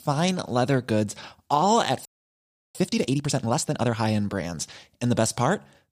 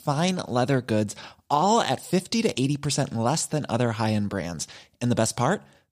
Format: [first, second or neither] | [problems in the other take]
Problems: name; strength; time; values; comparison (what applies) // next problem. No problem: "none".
second | audio freezing; at 2 s for 0.5 s